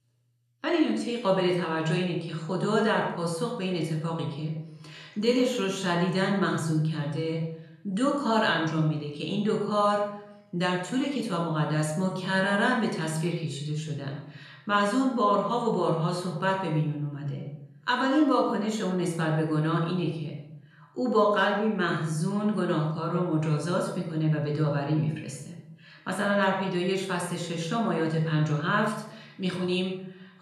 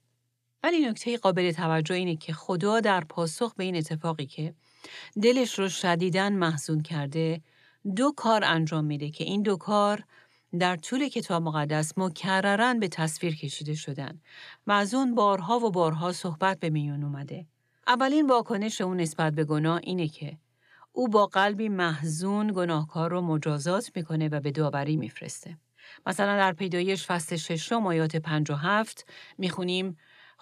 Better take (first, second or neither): second